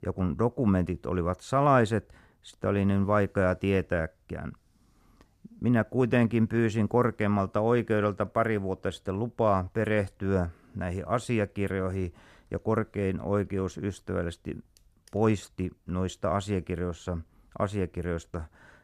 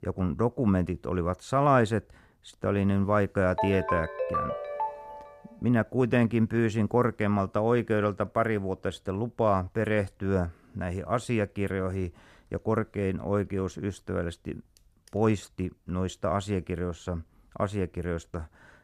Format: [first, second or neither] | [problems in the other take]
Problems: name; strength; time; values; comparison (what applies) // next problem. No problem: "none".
first | phone ringing; noticeable; from 3.5 to 5 s; peak 2 dB below the speech